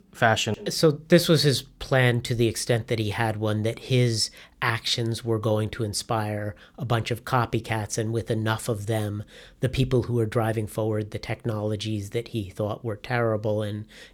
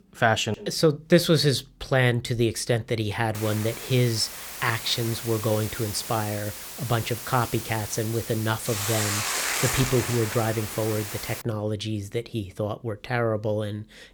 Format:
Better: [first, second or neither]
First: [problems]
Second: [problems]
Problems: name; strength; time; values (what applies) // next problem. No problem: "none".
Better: first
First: none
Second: hiss; loud; from 3.5 to 11 s; 5 dB below the speech